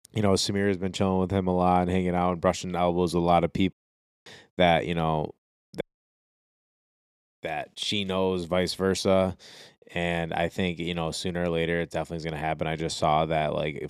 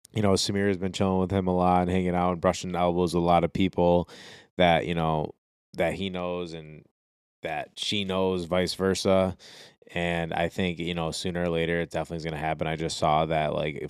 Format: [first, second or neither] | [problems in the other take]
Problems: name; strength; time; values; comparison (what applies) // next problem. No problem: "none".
second | audio cutting out; at 3.5 s for 0.5 s and at 6 s for 1 s